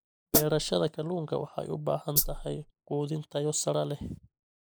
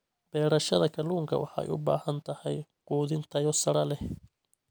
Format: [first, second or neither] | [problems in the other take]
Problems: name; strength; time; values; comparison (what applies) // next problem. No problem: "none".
second | noise reduction (neural mask model Resemble Enhance denoiser)